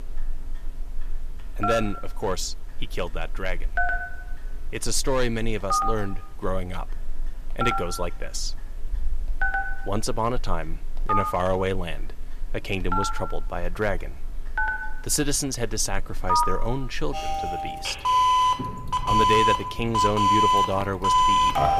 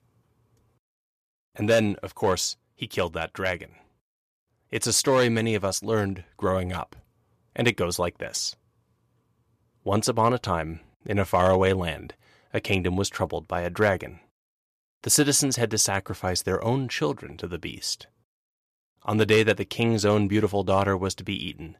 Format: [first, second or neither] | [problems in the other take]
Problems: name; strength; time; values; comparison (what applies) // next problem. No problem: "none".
second | alarms or sirens; very loud; throughout; 4 dB above the speech